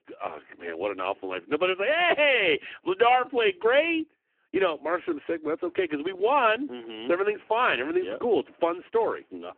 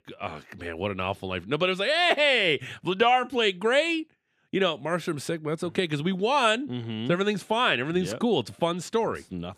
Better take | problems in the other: second | phone-call audio; poor line; nothing above 3 kHz

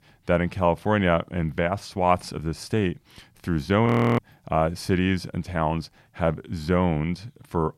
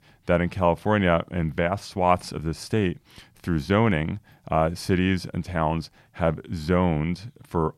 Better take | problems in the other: second | audio freezing; at 4 s

